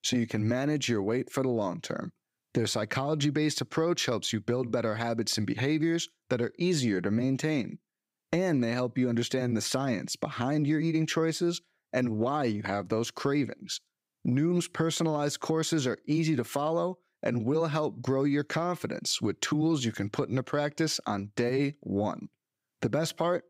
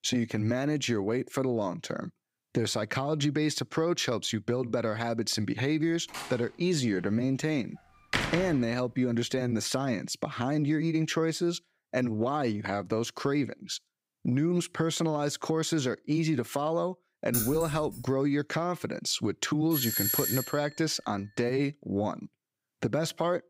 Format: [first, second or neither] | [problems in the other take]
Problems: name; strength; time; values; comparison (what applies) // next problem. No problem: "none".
first | door banging; loud; from 6 to 8.5 s; peak level with the speech // jangling keys; noticeable; at 17 s; peak 1 dB below the speech // doorbell; loud; at 20 s; peak 3 dB above the speech